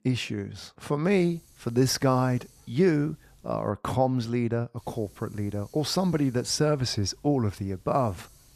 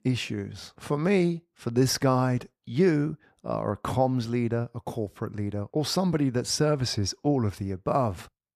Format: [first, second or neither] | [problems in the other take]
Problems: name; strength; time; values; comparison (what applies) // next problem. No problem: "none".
second | hiss; faint; from 1 to 3.5 s and from 5 s on; 30 dB below the speech